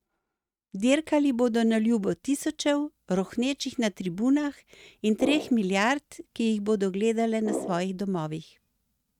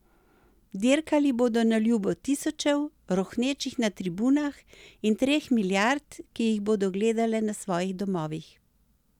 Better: second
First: noise reduction (neural mask model RNNoise)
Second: none

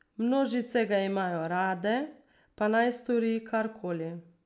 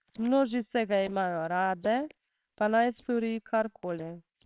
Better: first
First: none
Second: noise reduction (neural separator model SepFormer WHAMR!)

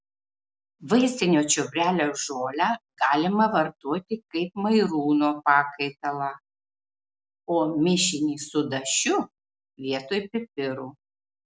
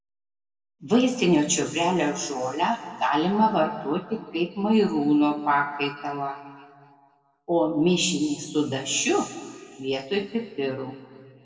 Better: first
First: none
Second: room echo; dies away in 1.9 s

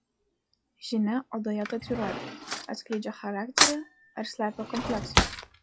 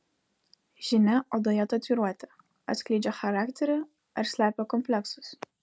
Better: second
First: noise reduction (classical method log-MMSE)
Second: none

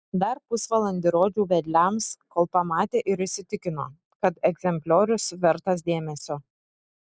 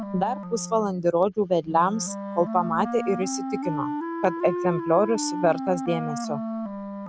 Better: first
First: none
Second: background sound (Wind instrument, woodwind instrument); 6 dB below the speech

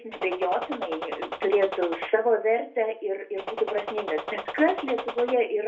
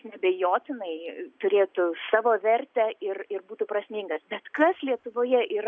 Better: second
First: background sound (Gunshot, gunfire); 8 dB below the speech // room echo; dies away in 0.3 s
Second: none

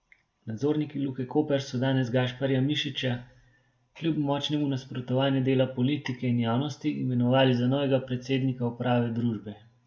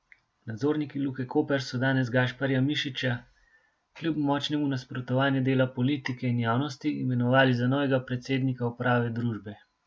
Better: second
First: room echo; dies away in 0.4 s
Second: none

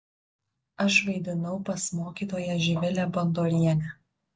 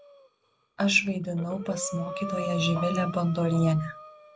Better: first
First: none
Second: background sound (Breathing); 11 dB below the speech

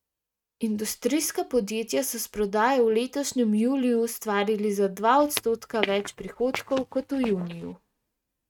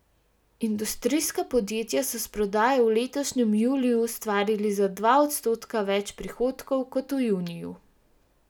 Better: second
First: noise reduction (neural mask model RNNoise)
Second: none

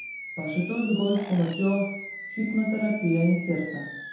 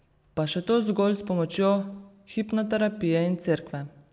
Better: second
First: background sound (Animal); 12 dB below the speech // room echo; dies away in 0.8 s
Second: none

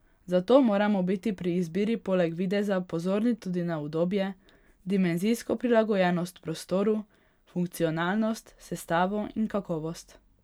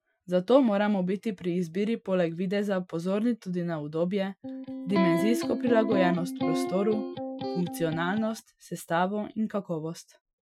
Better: first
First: none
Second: noise reduction (classical method Wiener filter)

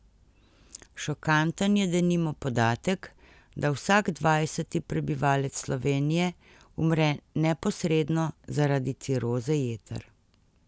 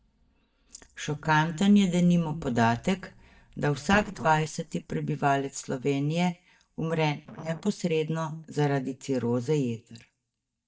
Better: first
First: none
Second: noise reduction (neural mask model DeepFilterNet 3)

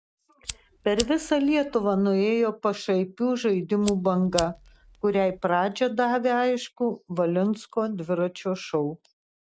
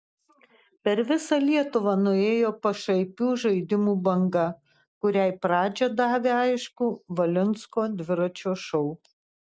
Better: second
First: background sound (Fire); 14 dB below the speech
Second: none

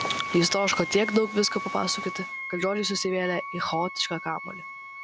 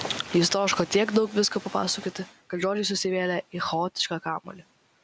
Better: second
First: background sound (Wind instrument, woodwind instrument); 8 dB below the speech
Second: none

